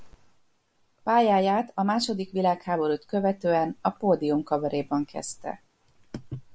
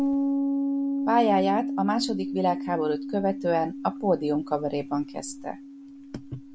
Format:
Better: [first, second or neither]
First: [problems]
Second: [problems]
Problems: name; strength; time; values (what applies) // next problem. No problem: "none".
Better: first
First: none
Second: background sound (Piano); 3 dB below the speech